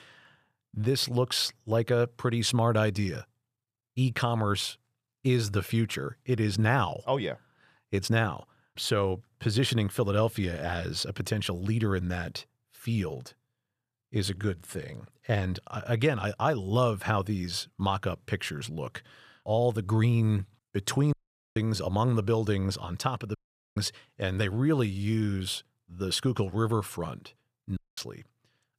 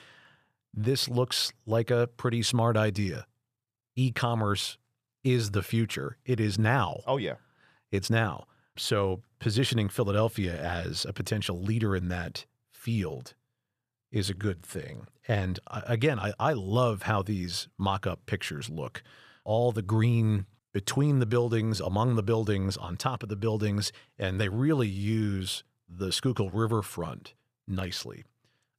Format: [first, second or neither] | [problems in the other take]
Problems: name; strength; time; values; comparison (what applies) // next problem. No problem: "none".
second | audio cutting out; at 21 s, at 23 s and at 28 s